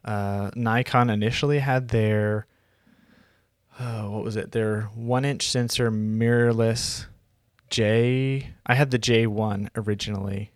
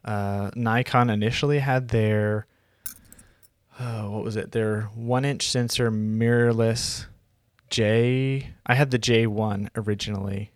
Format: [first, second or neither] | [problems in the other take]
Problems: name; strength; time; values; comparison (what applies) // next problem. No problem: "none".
first | jangling keys; faint; at 3 s; peak 15 dB below the speech